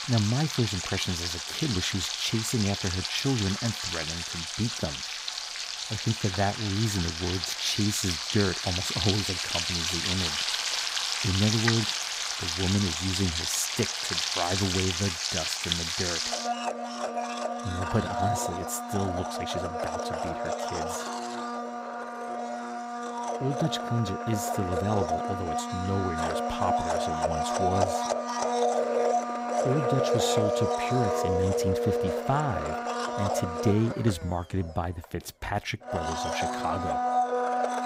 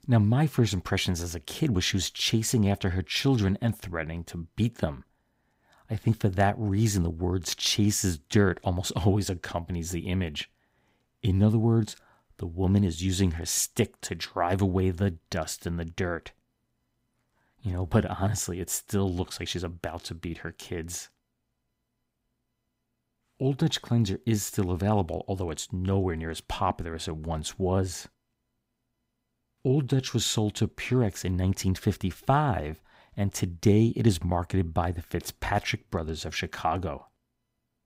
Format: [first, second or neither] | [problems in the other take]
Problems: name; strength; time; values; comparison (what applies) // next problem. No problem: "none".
second | household noises; very loud; throughout; 1 dB above the speech